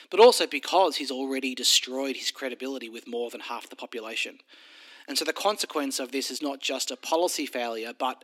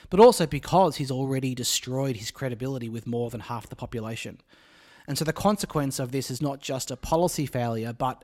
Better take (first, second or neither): second